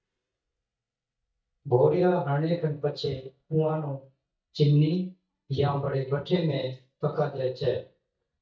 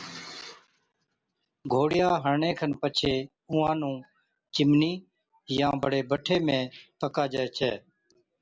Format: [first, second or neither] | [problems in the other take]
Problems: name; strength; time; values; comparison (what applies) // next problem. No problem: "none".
second | noise reduction (neural mask model DeepFilterNet 3)